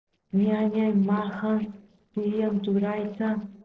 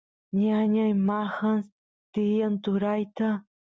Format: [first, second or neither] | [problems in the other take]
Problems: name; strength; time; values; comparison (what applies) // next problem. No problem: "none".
second | noise reduction (neural separator model SepFormer DNS4)